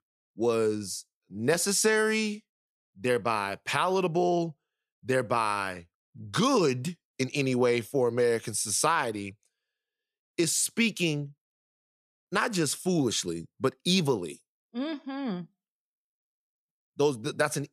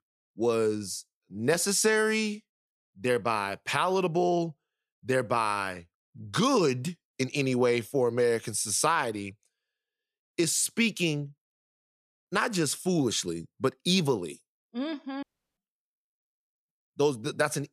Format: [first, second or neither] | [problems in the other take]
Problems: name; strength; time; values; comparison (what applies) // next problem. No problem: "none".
first | audio cutting out; at 15 s